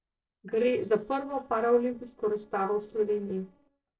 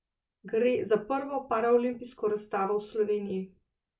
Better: second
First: noise reduction (neural separator model SepFormer DNS4)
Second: none

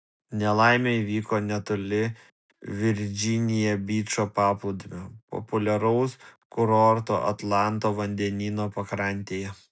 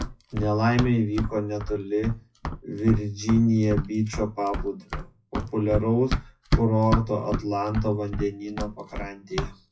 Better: first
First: none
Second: noise reduction (classical method WPE with log-MMSE)

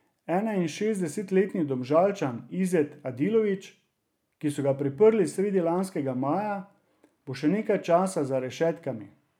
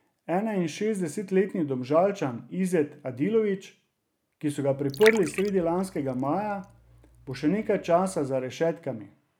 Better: first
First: none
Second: background sound (Liquid); 12 dB below the speech

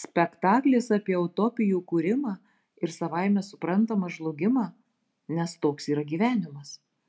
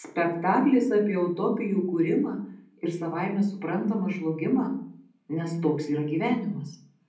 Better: first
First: none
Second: room echo; dies away in 0.6 s

